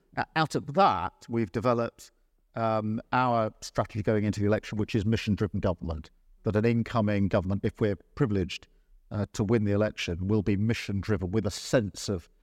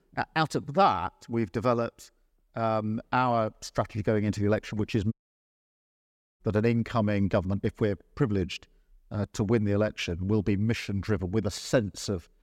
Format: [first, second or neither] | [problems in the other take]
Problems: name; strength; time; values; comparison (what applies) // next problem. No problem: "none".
first | audio cutting out; at 5 s for 1.5 s